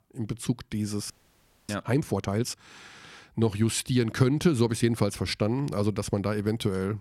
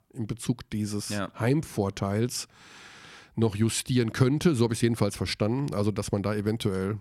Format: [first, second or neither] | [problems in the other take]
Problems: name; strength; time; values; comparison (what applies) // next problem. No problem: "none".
second | audio freezing; at 1 s for 0.5 s